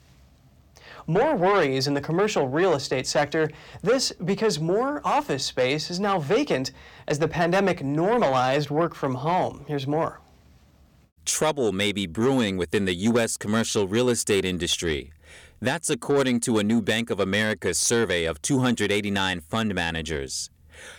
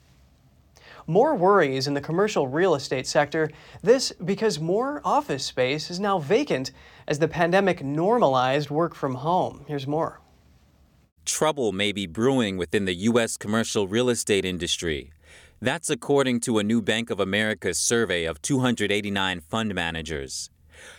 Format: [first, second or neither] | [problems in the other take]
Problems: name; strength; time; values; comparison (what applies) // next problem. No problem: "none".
second | distortion; slight; 10 dB below the speech